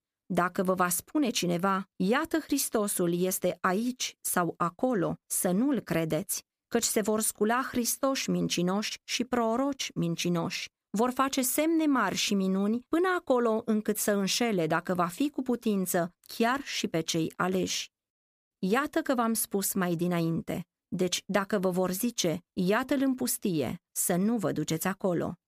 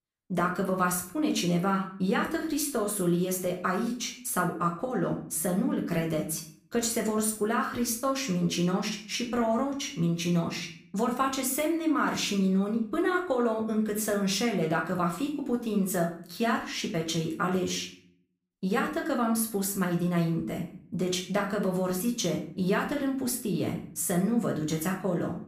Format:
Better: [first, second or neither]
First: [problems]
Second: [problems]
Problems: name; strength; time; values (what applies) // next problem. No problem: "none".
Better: first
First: none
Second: room echo; slight; dies away in 0.5 s // off-mic speech; somewhat distant